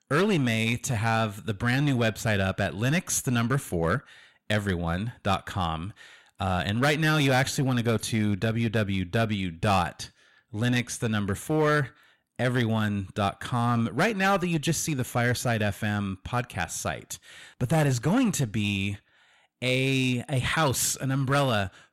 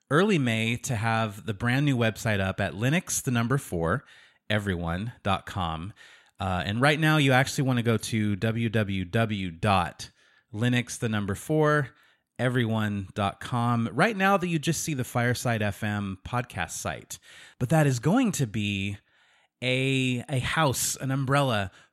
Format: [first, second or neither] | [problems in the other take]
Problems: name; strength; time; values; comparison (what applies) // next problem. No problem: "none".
second | distortion; slight; 6% of the sound clipped